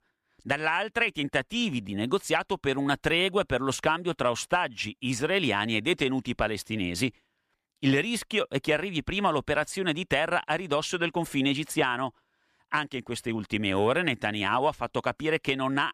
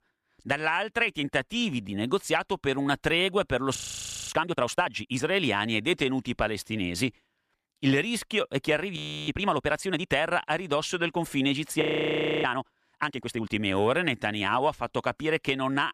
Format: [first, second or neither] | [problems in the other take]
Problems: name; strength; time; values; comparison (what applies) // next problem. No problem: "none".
first | audio freezing; at 4 s for 0.5 s, at 9 s and at 12 s for 0.5 s